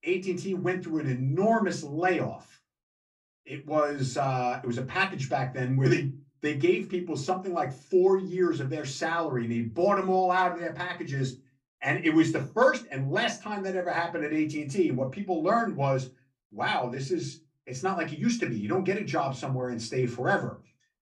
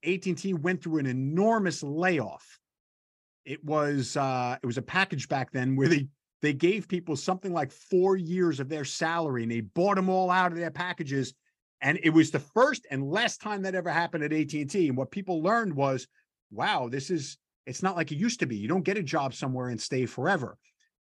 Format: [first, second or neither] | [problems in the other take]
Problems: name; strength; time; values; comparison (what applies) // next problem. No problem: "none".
second | off-mic speech; far // room echo; very slight; dies away in 0.2 s